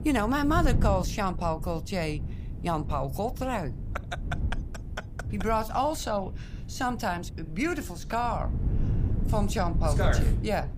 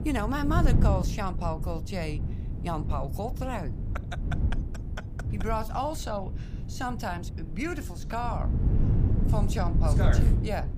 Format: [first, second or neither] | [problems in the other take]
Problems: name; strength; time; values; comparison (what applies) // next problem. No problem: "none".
first | wind noise on the microphone; heavy; 8 dB below the speech; occasional gusts in the first